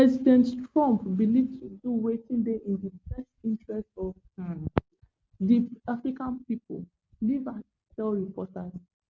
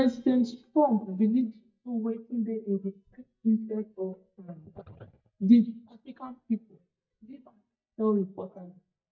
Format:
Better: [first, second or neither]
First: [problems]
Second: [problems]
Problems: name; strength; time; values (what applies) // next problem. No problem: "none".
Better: first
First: none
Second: noise reduction (neural mask model DeepFilterNet 3)